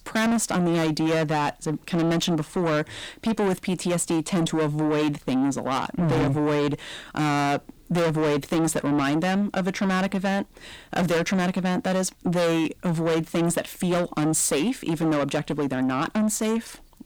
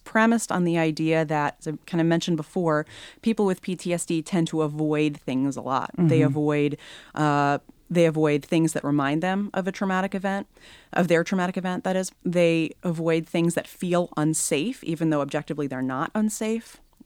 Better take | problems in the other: second | distortion; heavy; 6 dB below the speech

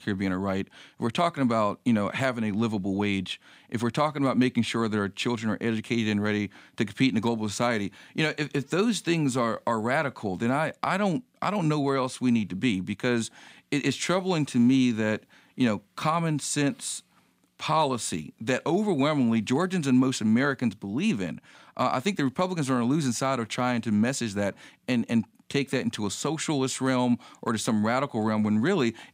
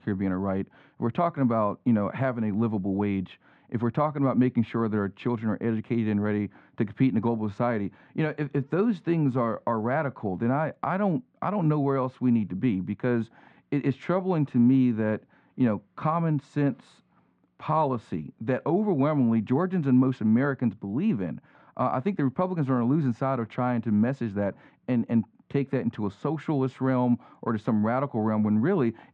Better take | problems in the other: first | muffled; very; fading above 1.5 kHz

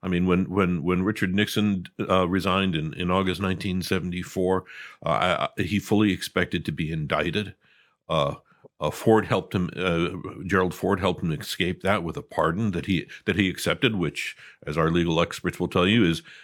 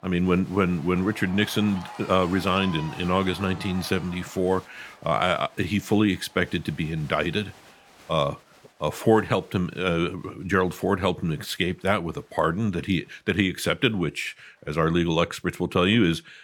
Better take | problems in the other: first | crowd noise; noticeable; throughout; 20 dB below the speech

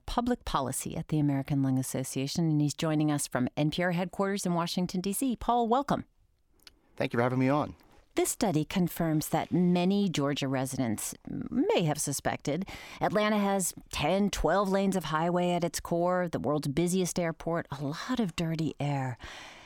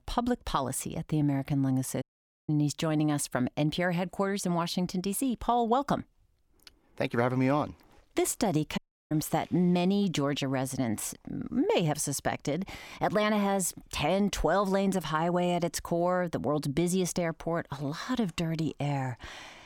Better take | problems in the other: first | audio cutting out; at 2 s and at 9 s

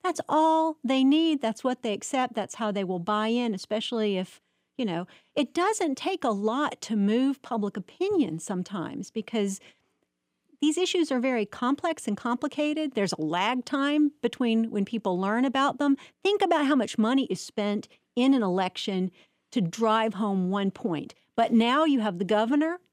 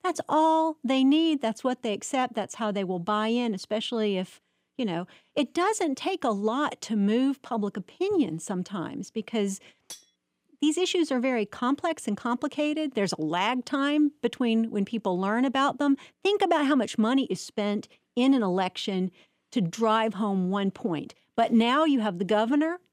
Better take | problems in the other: first | clattering dishes; faint; at 10 s; peak 15 dB below the speech

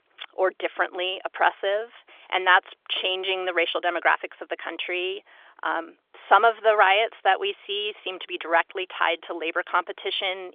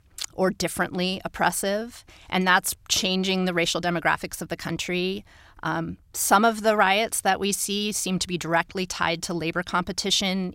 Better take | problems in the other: second | phone-call audio; nothing above 3.5 kHz

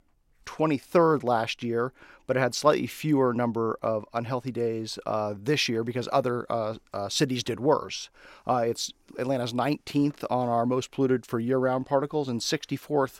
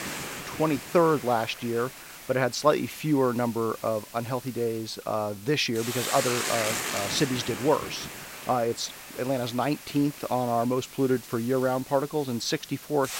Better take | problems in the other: first | hiss; loud; throughout; 9 dB below the speech

